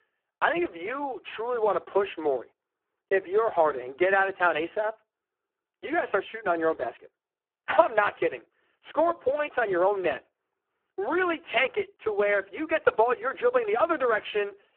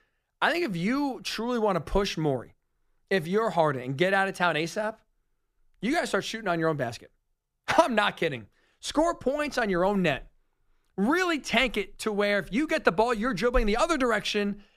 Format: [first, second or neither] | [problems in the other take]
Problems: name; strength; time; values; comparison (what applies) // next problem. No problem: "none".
second | phone-call audio; poor line